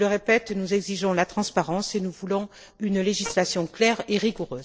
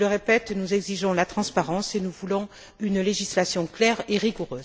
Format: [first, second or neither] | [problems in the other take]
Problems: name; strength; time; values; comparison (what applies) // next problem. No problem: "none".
second | noise reduction (neural separator model SepFormer DNS4)